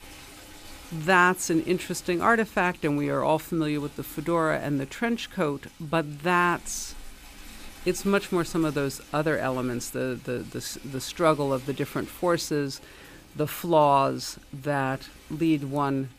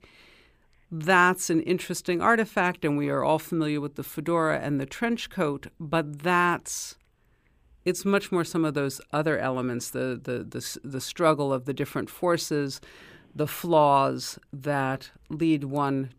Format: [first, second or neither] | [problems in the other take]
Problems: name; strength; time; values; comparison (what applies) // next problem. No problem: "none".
second | rain or running water; faint; throughout; 20 dB below the speech